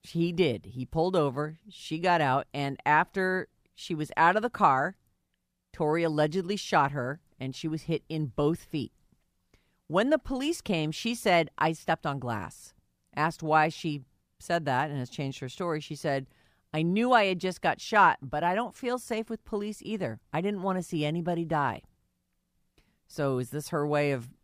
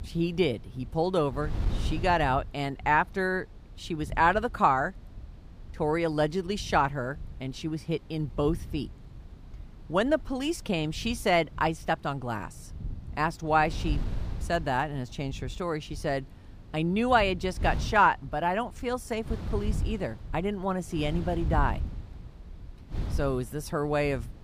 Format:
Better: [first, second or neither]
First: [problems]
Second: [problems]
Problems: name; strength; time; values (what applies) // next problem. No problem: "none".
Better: first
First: none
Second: wind noise on the microphone; occasional gusts; 25 dB below the speech